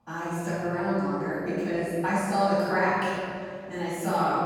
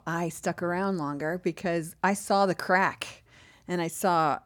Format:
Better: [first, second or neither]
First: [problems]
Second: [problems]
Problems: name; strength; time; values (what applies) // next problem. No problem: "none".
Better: second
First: off-mic speech; far // room echo; strong; dies away in 2.7 s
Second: none